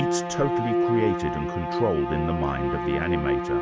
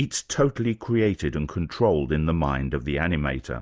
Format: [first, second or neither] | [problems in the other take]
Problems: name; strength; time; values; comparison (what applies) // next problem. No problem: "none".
second | background sound (Bowed string instrument); 1 dB above the speech